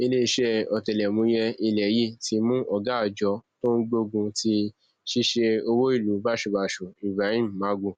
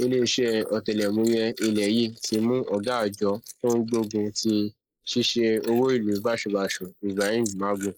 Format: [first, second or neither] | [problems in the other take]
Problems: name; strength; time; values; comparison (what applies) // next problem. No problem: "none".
first | noise reduction (neural mask model Resemble Enhance denoiser)